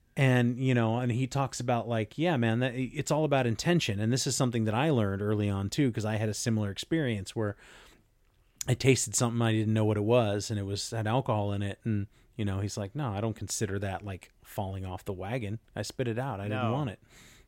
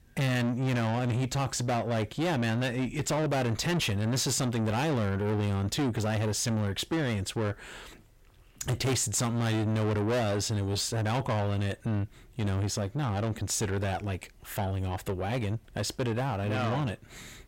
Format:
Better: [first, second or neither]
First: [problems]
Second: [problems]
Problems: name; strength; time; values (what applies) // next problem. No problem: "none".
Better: first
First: none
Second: distortion; heavy; 6 dB below the speech